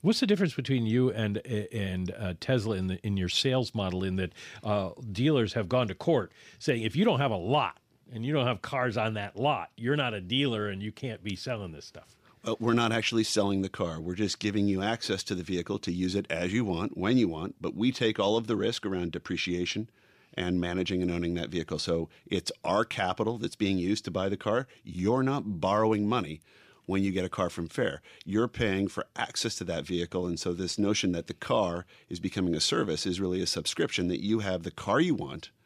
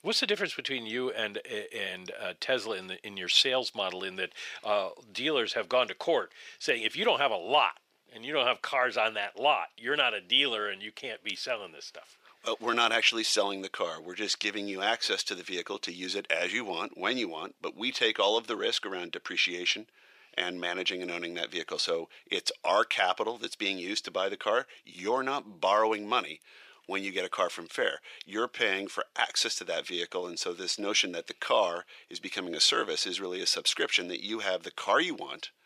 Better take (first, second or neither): first